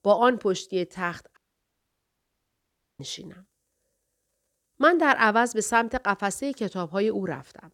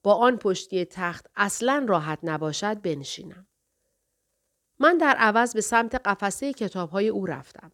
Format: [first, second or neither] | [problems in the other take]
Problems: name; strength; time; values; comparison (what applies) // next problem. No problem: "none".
second | audio cutting out; at 1.5 s for 1.5 s